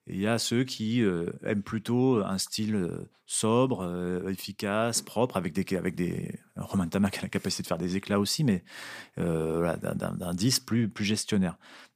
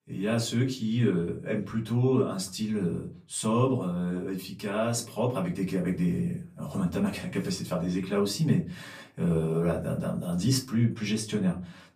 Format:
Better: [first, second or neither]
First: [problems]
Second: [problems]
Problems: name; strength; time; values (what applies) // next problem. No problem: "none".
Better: first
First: none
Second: off-mic speech; far // room echo; very slight; dies away in 0.3 s